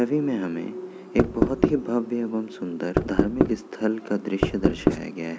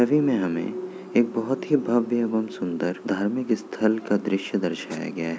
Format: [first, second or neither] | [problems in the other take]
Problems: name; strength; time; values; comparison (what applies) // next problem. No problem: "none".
second | background sound (Knock); 4 dB above the speech